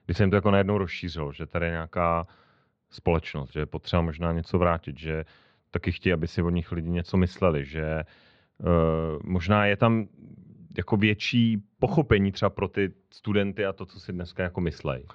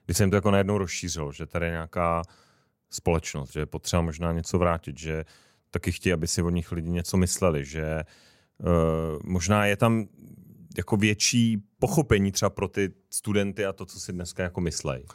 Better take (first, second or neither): second